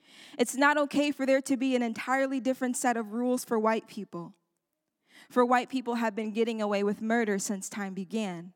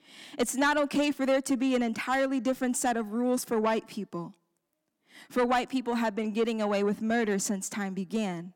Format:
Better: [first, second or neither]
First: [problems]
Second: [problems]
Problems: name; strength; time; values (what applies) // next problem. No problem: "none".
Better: first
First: none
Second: distortion; slight; 10 dB below the speech